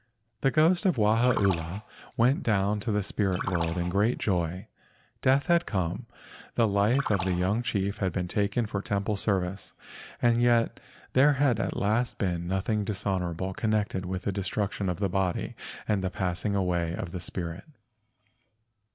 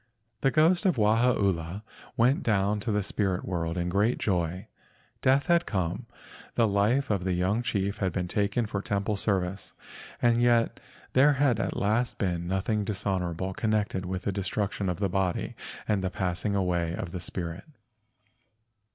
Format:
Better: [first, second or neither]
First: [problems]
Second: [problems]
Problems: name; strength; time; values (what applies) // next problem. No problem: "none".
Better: second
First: background sound (Splash, splatter); 11 dB below the speech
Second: none